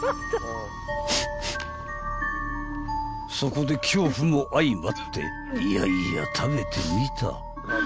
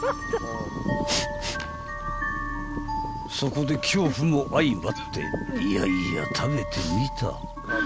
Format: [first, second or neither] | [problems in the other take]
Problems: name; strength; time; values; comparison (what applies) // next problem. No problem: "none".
first | background sound (Bird vocalization, bird call, bird song); 12 dB below the speech